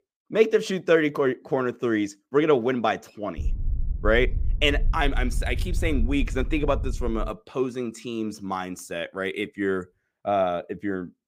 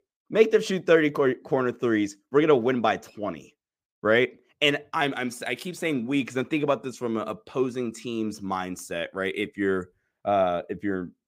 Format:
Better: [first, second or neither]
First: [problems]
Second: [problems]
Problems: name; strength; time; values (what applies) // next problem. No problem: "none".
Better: second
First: low rumble; faint; from 3.5 to 7.5 s; 25 dB below the speech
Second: none